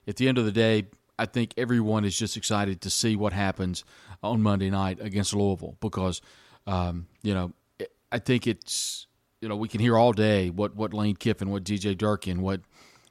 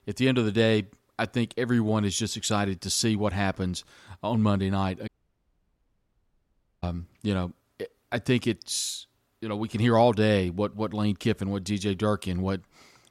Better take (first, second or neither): first